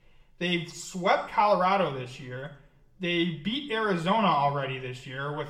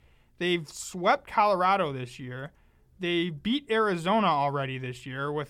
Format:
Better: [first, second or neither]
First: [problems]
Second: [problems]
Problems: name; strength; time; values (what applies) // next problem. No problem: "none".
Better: second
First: room echo; slight; dies away in 0.5 s // off-mic speech; somewhat distant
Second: none